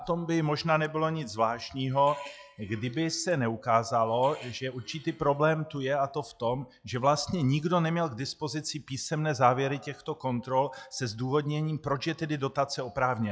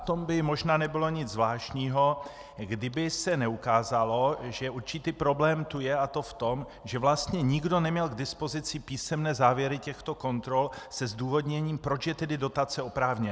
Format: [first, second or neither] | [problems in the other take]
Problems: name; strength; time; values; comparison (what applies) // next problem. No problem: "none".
second | noise reduction (classical method log-MMSE)